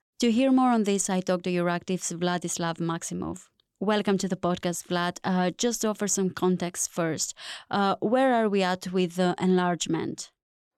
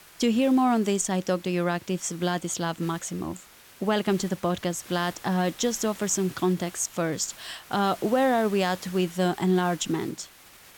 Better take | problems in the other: first | hiss; noticeable; throughout; 20 dB below the speech

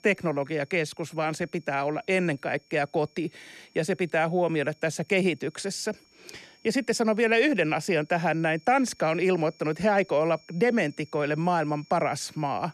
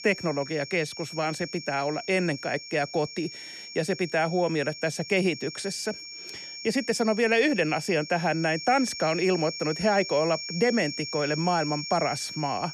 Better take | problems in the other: first | high-pitched whine; loud; throughout; 5.5 kHz, 9 dB below the speech; faint in the first

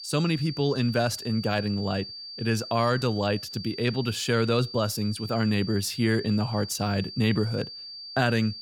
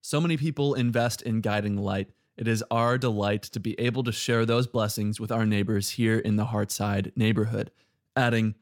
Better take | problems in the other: second | high-pitched whine; noticeable; throughout; 4.5 kHz, 10 dB below the speech

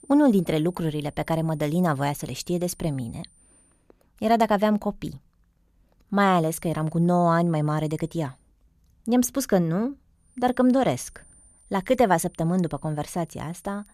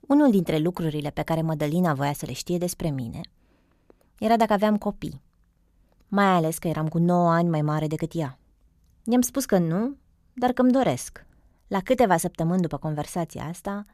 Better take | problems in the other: second | high-pitched whine; faint; until 3.5 s, from 6.5 to 8.5 s and from 10 s on; 9 kHz, 30 dB below the speech

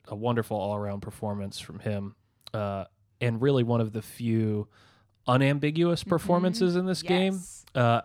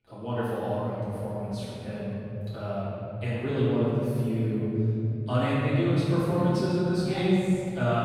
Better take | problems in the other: first | off-mic speech; far // room echo; strong; dies away in 3 s

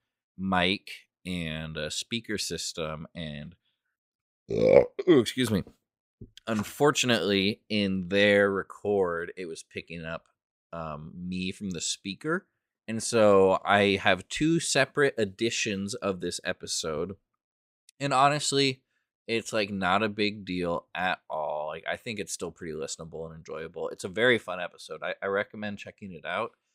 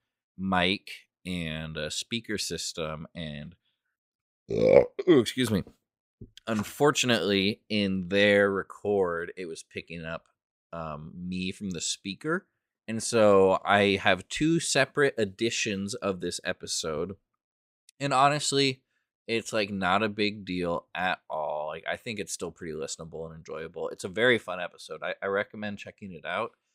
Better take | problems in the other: neither | none

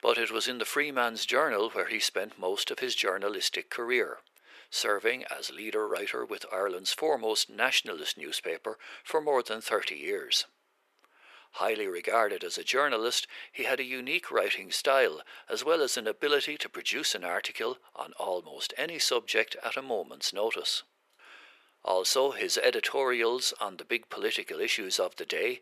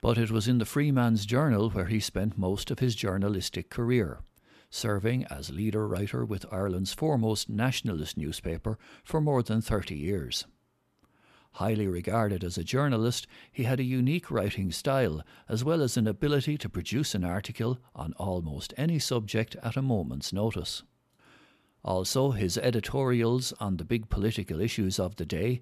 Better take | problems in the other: second | thin; very; fading below 400 Hz

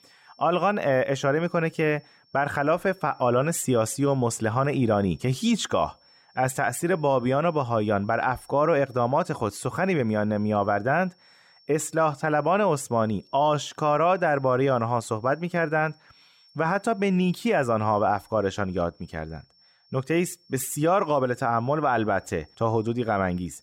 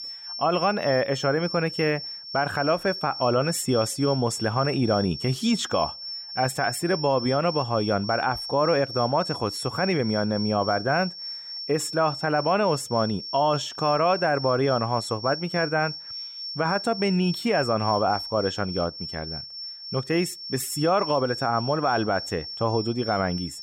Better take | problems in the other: first | high-pitched whine; loud; throughout; 5.5 kHz, 8 dB below the speech; faint in the first

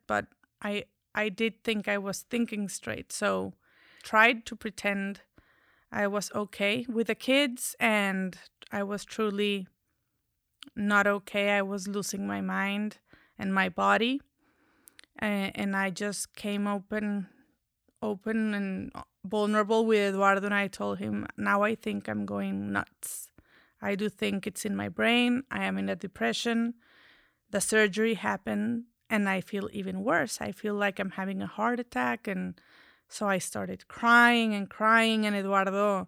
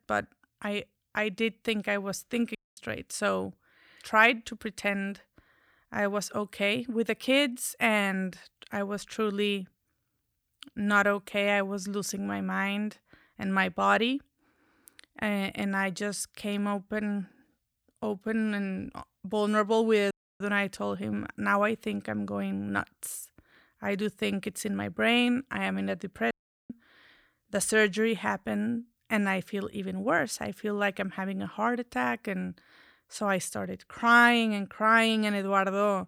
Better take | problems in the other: first | audio cutting out; at 2.5 s, at 20 s and at 26 s

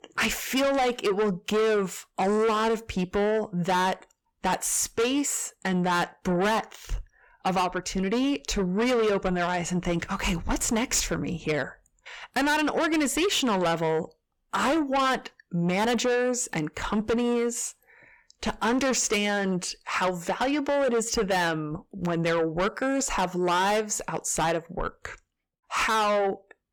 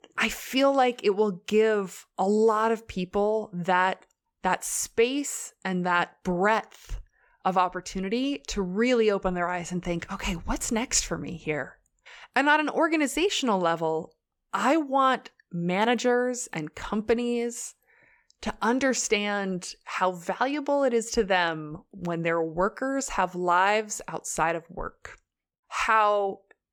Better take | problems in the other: second | distortion; heavy; 6 dB below the speech

